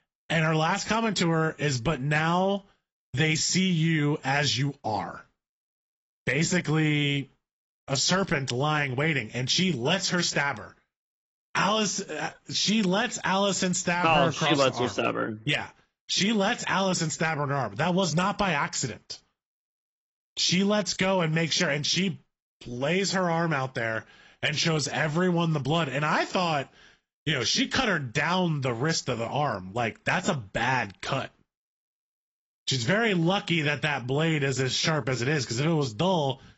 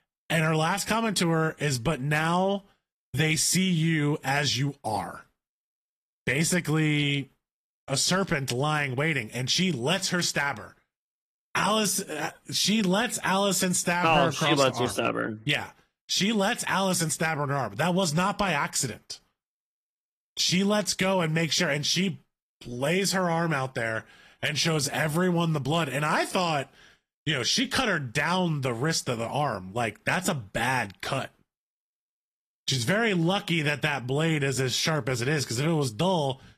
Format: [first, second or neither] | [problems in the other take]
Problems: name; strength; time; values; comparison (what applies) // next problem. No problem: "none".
second | garbled, watery; badly; nothing above 7.5 kHz; slightly in the second